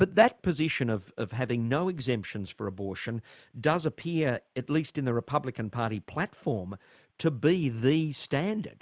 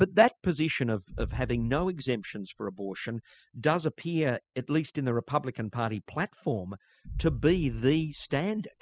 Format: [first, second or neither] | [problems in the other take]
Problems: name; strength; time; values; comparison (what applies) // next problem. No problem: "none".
first | noise reduction (classical method spectral subtraction)